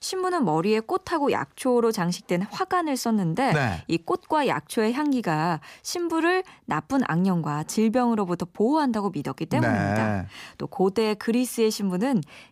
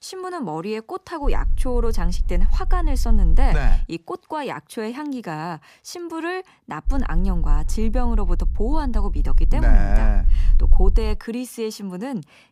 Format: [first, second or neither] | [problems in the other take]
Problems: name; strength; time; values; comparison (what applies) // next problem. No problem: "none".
first | low rumble; noticeable; from 1 to 4 s and from 7 to 11 s; 20 dB below the speech